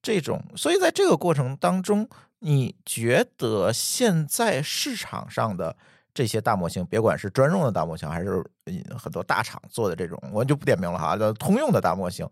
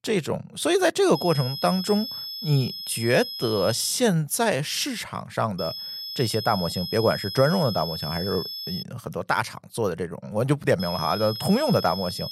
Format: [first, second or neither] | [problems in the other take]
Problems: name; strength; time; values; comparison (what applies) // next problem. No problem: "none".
first | high-pitched whine; loud; from 1 to 4 s, from 5.5 to 9 s and from 11 s on; 5 kHz, 7 dB below the speech